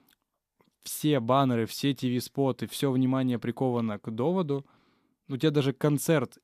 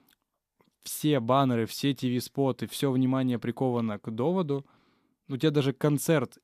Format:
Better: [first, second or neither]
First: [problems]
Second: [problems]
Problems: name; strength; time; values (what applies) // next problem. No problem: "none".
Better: neither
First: none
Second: none